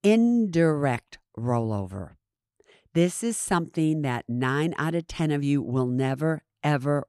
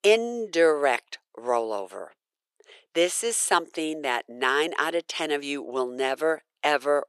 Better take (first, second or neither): first